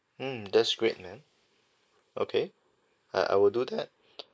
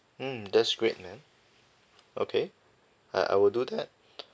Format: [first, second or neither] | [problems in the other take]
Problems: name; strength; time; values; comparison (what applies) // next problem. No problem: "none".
second | noise reduction (neural mask model Resemble Enhance denoiser)